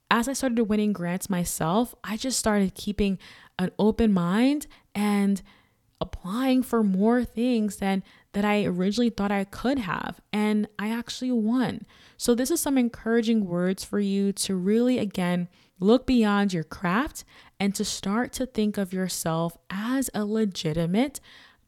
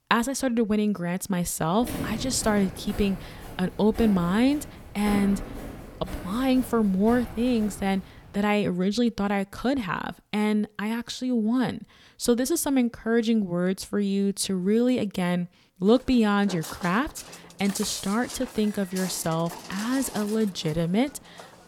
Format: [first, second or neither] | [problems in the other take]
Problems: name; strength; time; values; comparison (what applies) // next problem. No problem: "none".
first | footsteps; noticeable; from 2 to 8.5 s and from 16 s on; peak 7 dB below the speech